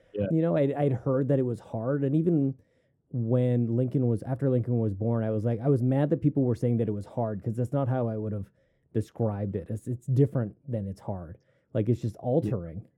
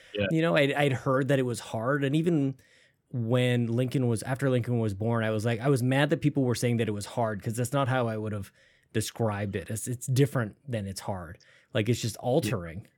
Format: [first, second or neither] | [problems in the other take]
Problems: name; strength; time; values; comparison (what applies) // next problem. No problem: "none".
second | muffled; very; fading above 1 kHz